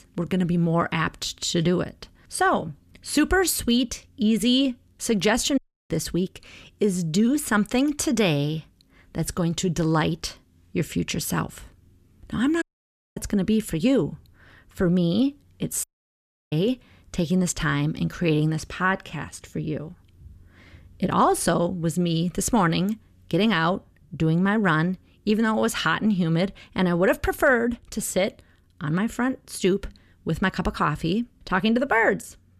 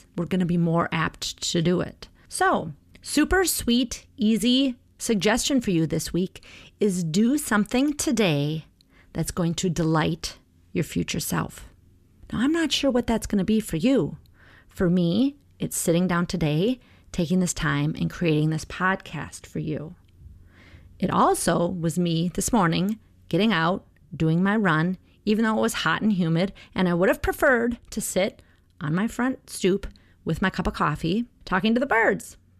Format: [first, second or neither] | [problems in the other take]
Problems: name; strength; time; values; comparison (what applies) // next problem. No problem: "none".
second | audio cutting out; at 5.5 s, at 13 s for 0.5 s and at 16 s for 0.5 s